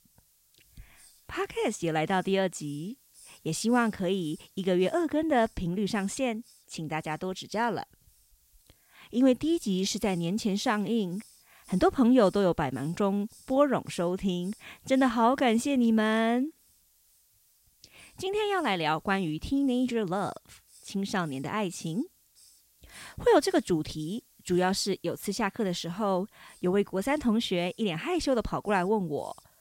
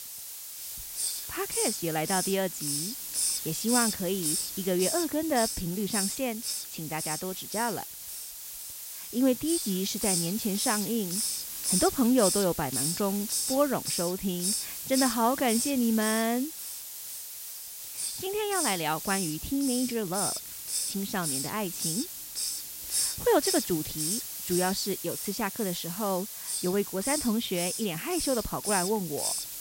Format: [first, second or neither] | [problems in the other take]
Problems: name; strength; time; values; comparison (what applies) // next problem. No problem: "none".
first | hiss; loud; throughout; 1 dB below the speech; faint in the first